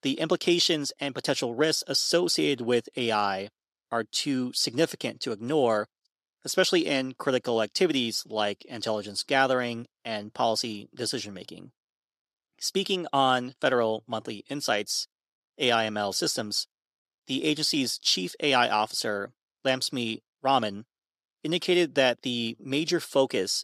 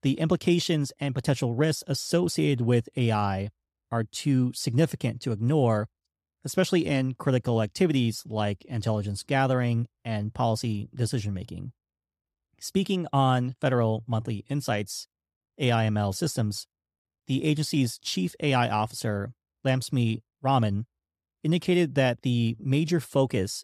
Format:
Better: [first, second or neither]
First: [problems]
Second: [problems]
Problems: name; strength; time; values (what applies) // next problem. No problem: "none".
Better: second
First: thin; somewhat; fading below 350 Hz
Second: none